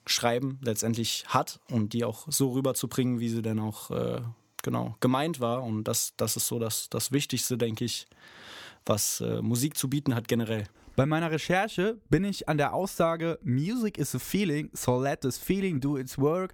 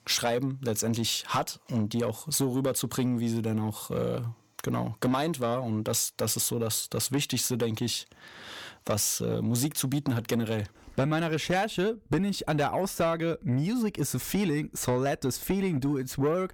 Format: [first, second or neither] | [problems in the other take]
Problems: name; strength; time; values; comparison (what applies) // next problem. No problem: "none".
first | distortion; slight; 10 dB below the speech